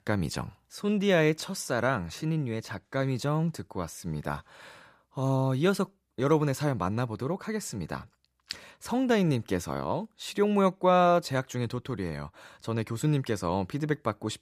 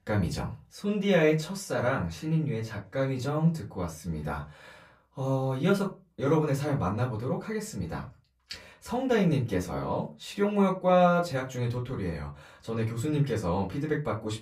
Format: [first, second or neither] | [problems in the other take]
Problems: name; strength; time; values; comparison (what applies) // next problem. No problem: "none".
first | off-mic speech; far // room echo; very slight; dies away in 0.2 s